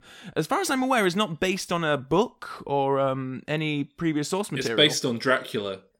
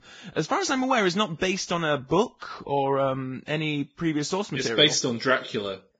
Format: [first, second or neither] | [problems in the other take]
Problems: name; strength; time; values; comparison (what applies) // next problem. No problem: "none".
first | garbled, watery; badly; nothing above 7.5 kHz